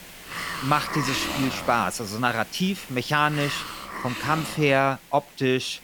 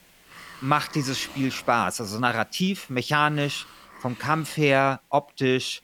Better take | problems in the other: second | hiss; loud; throughout; 8 dB below the speech; faint in the second

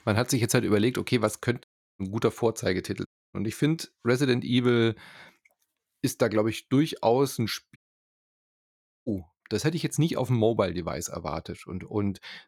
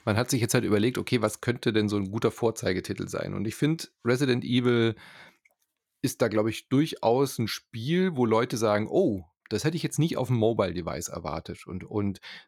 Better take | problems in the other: second | audio cutting out; at 1.5 s, at 3 s and at 8 s for 1.5 s

